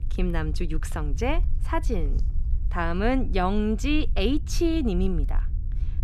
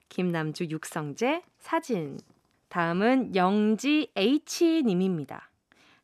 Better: second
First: low rumble; faint; throughout; 20 dB below the speech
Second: none

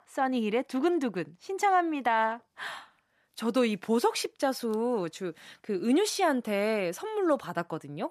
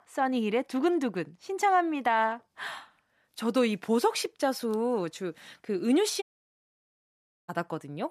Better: first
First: none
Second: audio cutting out; at 6 s for 1.5 s

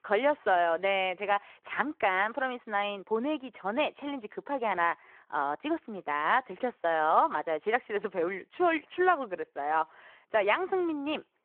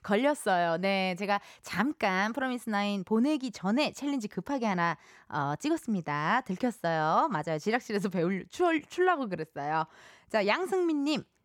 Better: second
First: phone-call audio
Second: none

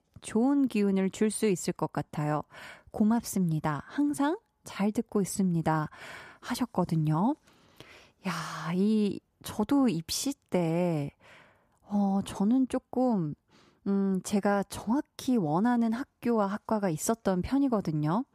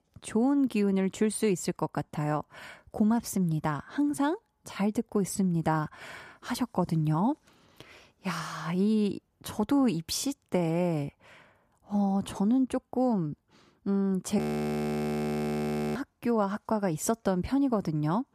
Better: first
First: none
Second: audio freezing; at 14 s for 1.5 s

